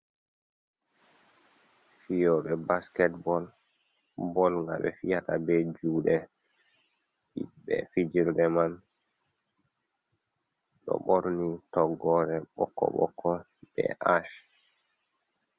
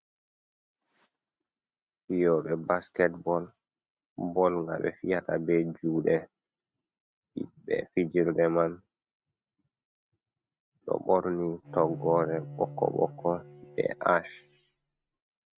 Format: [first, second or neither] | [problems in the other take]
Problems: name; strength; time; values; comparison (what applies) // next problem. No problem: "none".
first | noise reduction (neural mask model RNNoise)